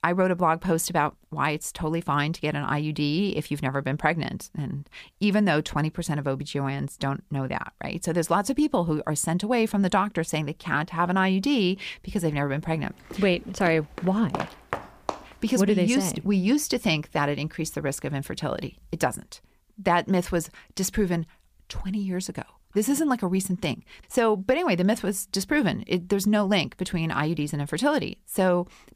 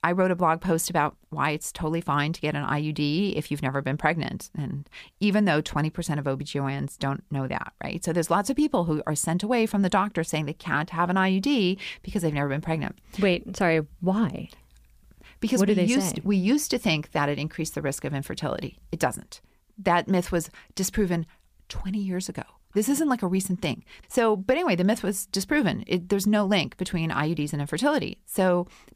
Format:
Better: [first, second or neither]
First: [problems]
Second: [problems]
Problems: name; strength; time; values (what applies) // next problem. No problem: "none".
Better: second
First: footsteps; noticeable; from 13 to 15 s; peak 7 dB below the speech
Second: none